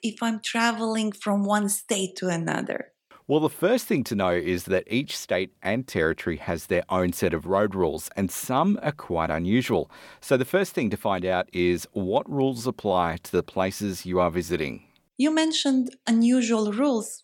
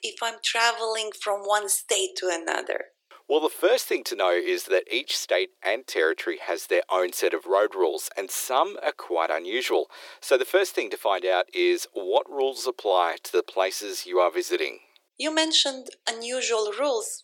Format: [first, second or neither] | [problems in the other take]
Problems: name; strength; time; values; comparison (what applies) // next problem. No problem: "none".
first | thin; very; fading below 350 Hz